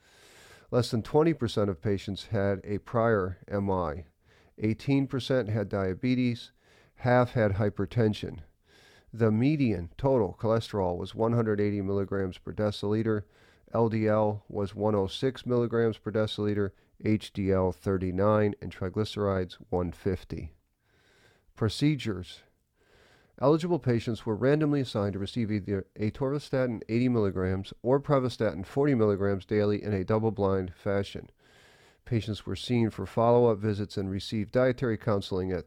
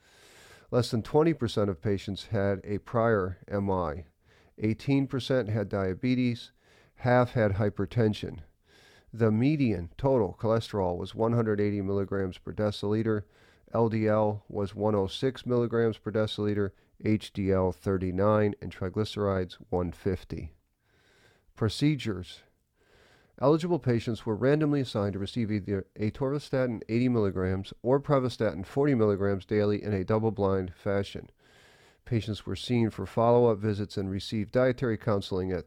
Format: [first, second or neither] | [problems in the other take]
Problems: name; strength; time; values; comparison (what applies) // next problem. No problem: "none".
neither | none